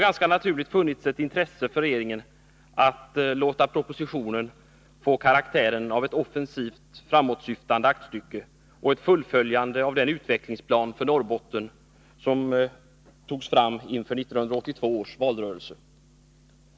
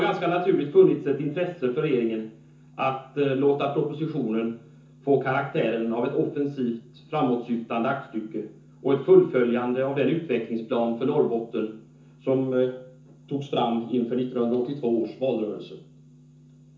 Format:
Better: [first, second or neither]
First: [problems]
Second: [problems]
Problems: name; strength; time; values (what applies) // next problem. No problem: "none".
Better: first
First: none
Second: room echo; dies away in 0.6 s